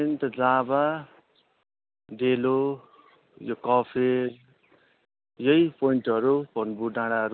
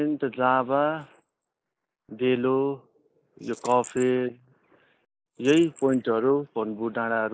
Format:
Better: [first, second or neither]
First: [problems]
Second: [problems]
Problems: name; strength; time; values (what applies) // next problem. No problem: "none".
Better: first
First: none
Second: noise reduction (neural mask model Resemble Enhance denoiser)